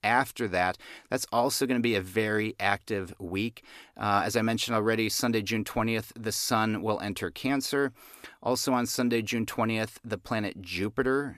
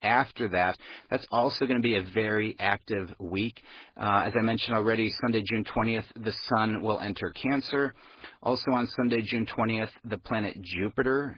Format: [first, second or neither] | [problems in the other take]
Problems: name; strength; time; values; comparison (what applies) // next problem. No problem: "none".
first | garbled, watery; badly